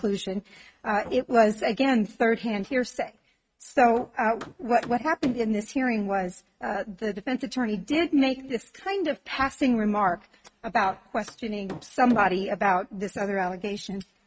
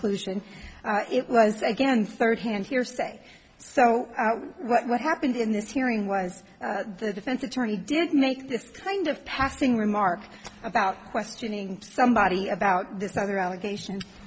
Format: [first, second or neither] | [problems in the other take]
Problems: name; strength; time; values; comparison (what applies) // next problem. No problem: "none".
second | noise reduction (neural mask model RNNoise)